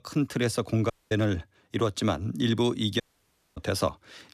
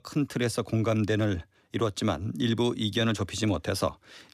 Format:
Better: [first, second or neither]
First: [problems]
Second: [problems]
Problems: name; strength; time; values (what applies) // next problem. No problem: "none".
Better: second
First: audio cutting out; at 1 s and at 3 s for 0.5 s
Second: none